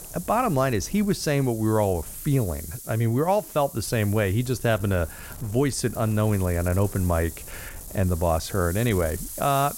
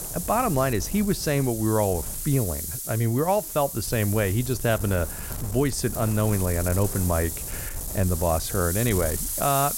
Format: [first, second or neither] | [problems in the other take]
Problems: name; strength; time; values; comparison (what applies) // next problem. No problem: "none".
first | wind noise on the microphone; heavy; 9 dB below the speech; occasional gusts in the first